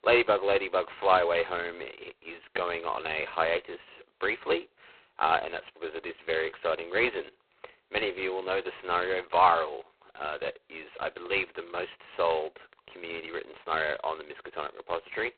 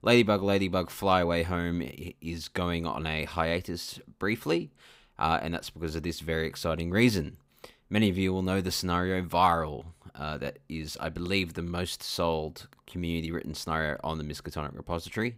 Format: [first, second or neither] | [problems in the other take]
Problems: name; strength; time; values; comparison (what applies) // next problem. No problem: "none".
second | phone-call audio; poor line; nothing above 4 kHz